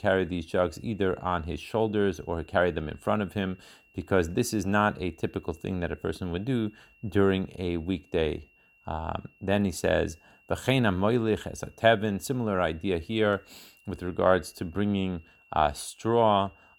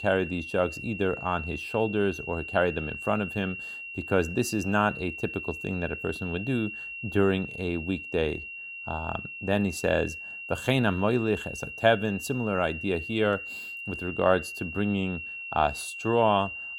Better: first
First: high-pitched whine; faint; throughout; 2.5 kHz, 30 dB below the speech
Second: high-pitched whine; loud; throughout; 2.5 kHz, 8 dB below the speech

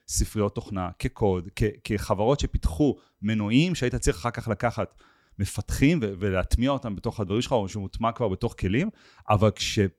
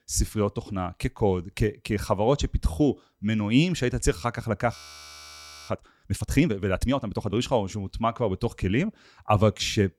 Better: first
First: none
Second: audio freezing; at 5 s for 1 s

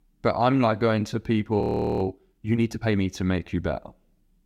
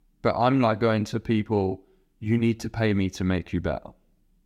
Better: second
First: audio freezing; at 1.5 s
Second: none

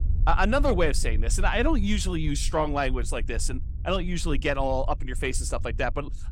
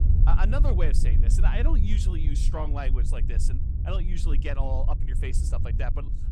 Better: first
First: low rumble; faint; throughout; 25 dB below the speech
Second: low rumble; loud; throughout; 7 dB below the speech

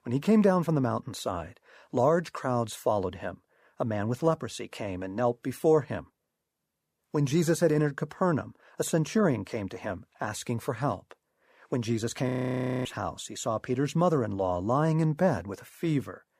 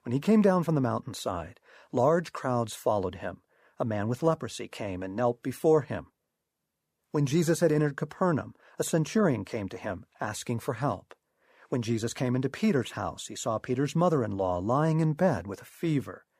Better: second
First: audio freezing; at 12 s for 0.5 s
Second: none

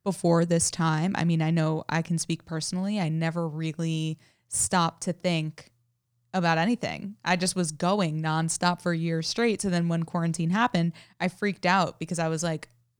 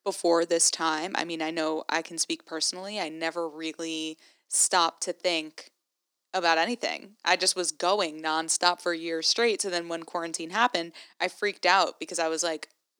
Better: first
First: none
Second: thin; very; fading below 300 Hz

